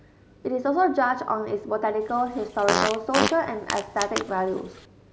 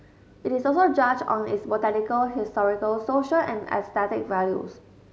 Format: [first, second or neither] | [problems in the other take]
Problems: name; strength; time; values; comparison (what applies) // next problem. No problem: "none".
second | background sound (Fart); 3 dB below the speech